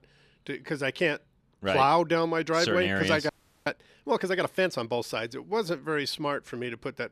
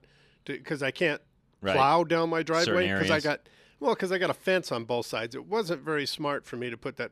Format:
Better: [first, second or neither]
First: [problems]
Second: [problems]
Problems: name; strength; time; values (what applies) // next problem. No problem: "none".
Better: second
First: audio freezing; at 3.5 s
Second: none